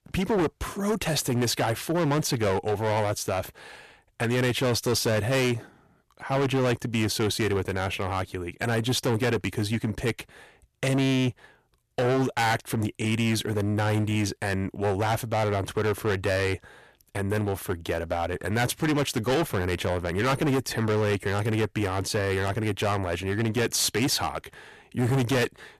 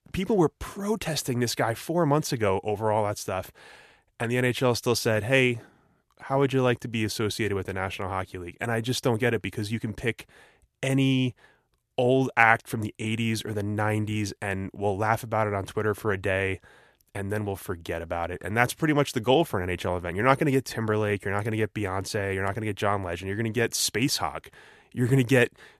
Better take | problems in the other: second | distortion; heavy; 15% of the sound clipped

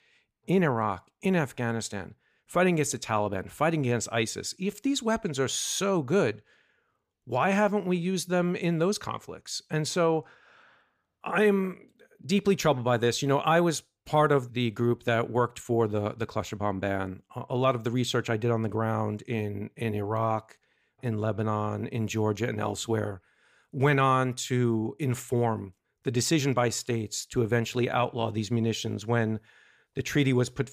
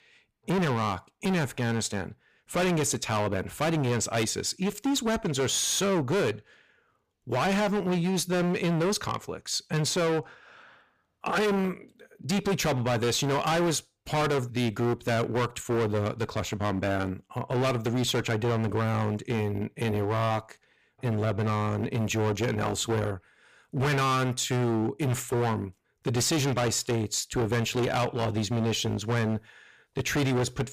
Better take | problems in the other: first | distortion; heavy; 21% of the sound clipped

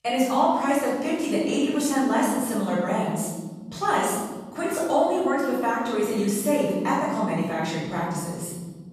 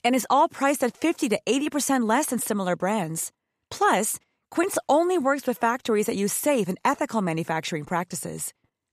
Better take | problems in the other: second | off-mic speech; far // room echo; strong; dies away in 1.9 s

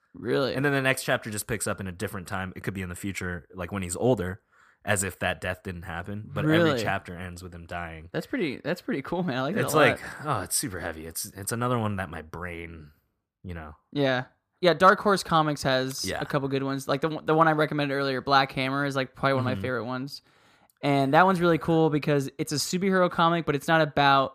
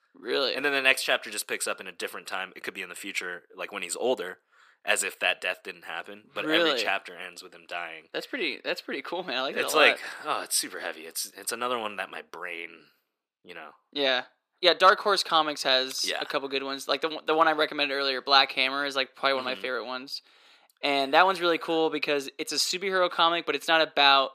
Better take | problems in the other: first | thin; somewhat; fading below 350 Hz

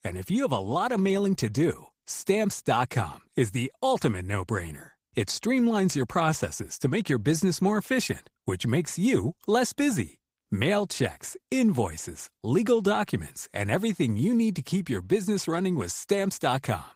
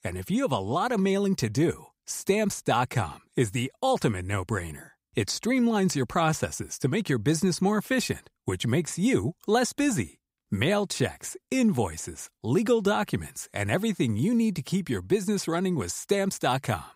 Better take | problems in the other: second | garbled, watery; slightly; nothing above 15.5 kHz

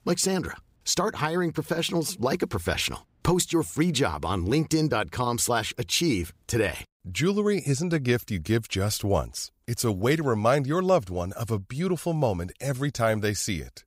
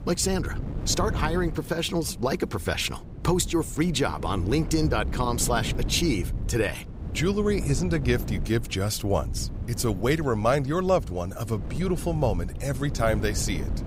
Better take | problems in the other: first | wind noise on the microphone; occasional gusts; 15 dB below the speech

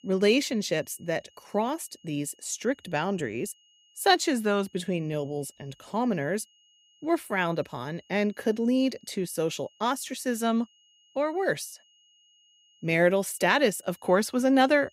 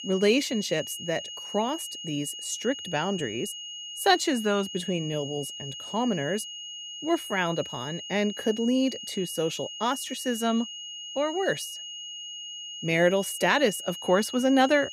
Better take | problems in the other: first | high-pitched whine; loud; throughout; 3 kHz, 9 dB below the speech; faint in the first

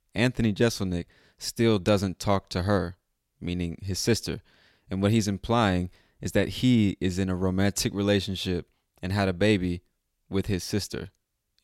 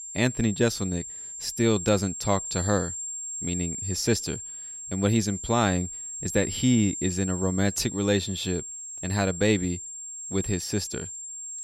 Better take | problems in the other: first | high-pitched whine; loud; throughout; 7.5 kHz, 7 dB below the speech

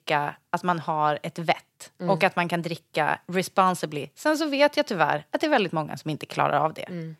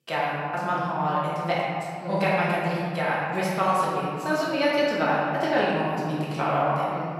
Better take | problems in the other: first | room echo; strong; dies away in 2.2 s // off-mic speech; far

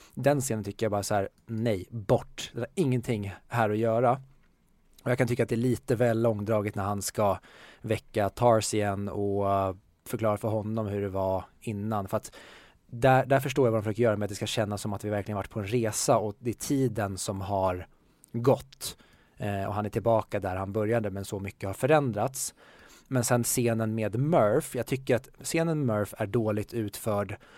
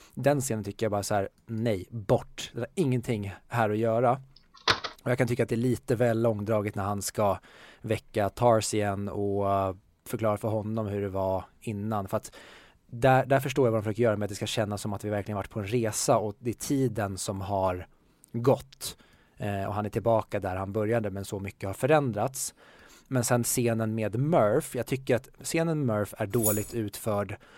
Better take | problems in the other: first | door banging; loud; at 4.5 s; peak 2 dB above the speech // jangling keys; noticeable; at 26 s; peak level with the speech

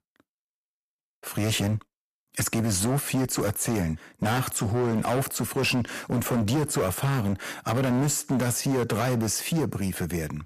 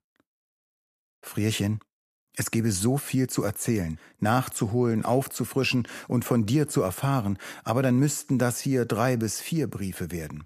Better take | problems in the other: second | distortion; heavy; 16% of the sound clipped

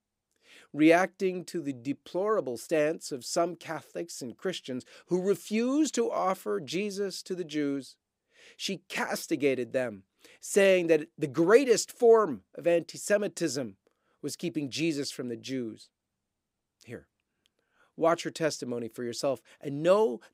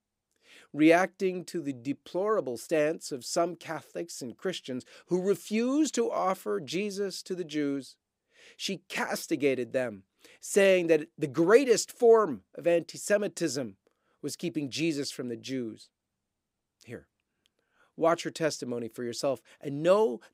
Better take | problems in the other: neither | none

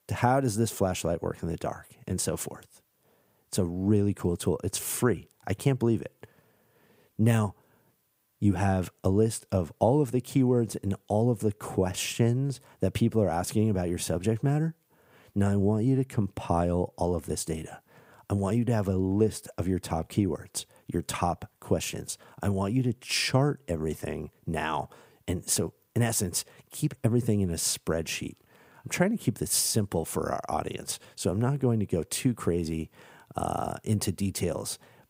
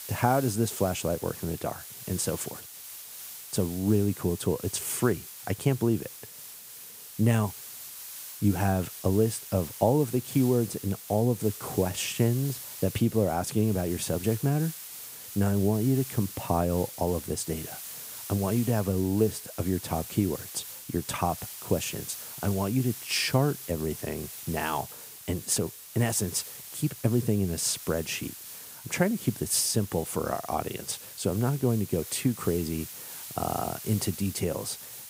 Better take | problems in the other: first | hiss; noticeable; throughout; 10 dB below the speech

